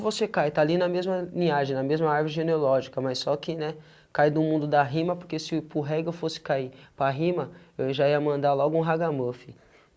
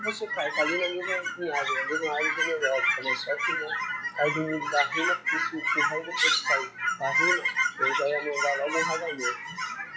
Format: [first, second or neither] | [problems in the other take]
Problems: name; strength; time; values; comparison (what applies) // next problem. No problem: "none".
first | noise reduction (classical method log-MMSE)